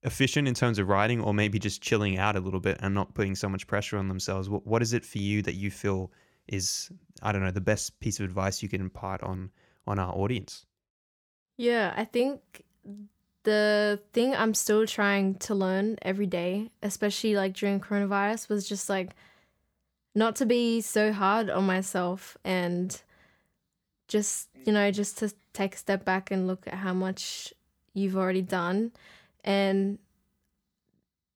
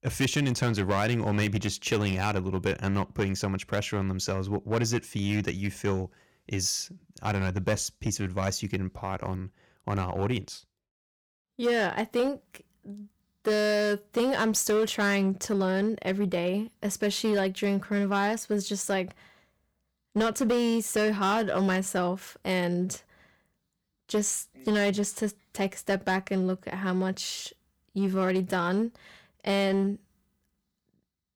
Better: first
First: none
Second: distortion; slight; 6% of the sound clipped

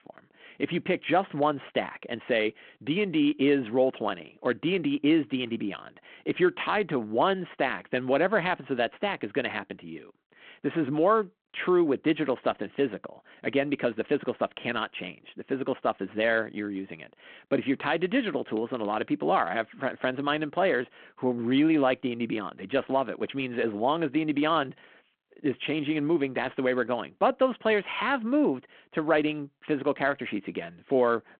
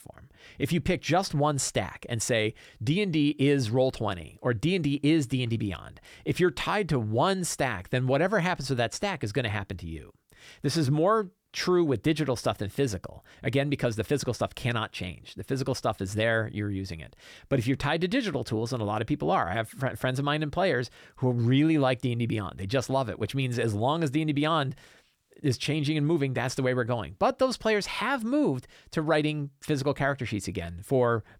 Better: second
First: phone-call audio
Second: none

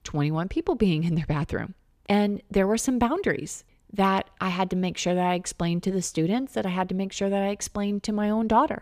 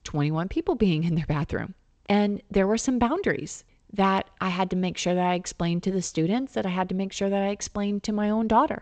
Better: first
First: none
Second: garbled, watery; slightly; nothing above 7.5 kHz

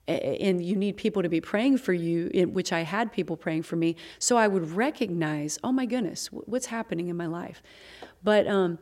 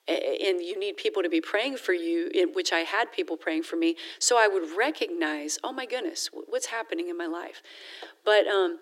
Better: first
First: none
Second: thin; very; fading below 300 Hz

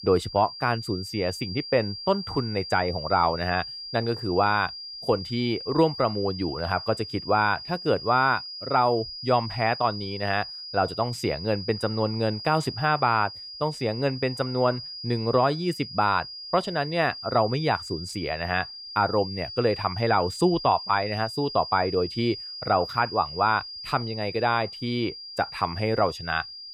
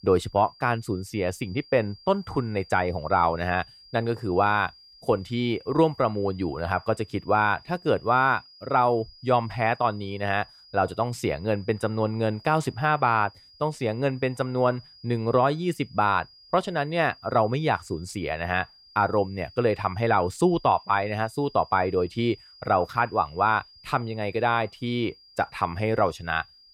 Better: second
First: high-pitched whine; loud; throughout; 5 kHz, 10 dB below the speech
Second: high-pitched whine; faint; throughout; 5 kHz, 25 dB below the speech

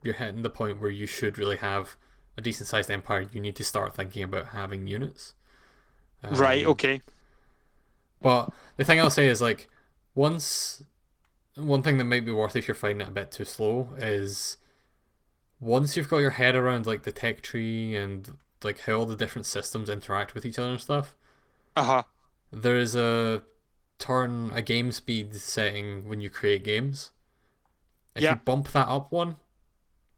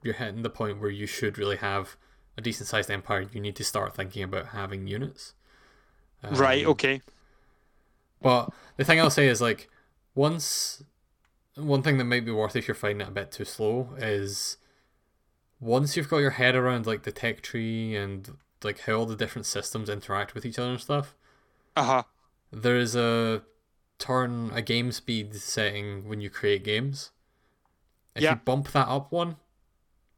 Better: second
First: garbled, watery; slightly; nothing above 17 kHz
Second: none

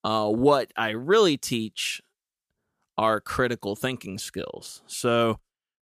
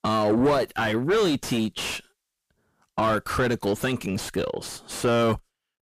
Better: first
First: none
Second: distortion; heavy; 5 dB below the speech

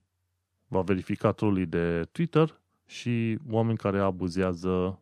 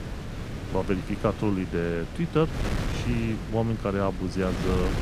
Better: first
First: none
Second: wind noise on the microphone; heavy; 8 dB below the speech

